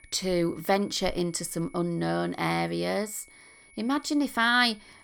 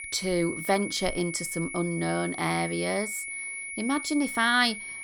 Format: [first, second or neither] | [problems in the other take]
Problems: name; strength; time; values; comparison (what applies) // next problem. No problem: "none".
first | high-pitched whine; loud; throughout; 2 kHz, 7 dB below the speech; faint in the first